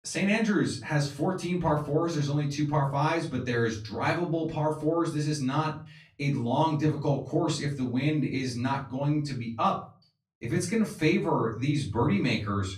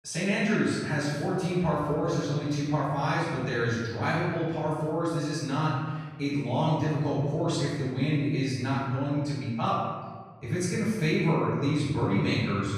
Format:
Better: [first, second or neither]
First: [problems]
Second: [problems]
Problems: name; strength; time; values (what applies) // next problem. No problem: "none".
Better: first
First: room echo; slight; dies away in 0.3 s // off-mic speech; far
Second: room echo; strong; dies away in 1.3 s // off-mic speech; far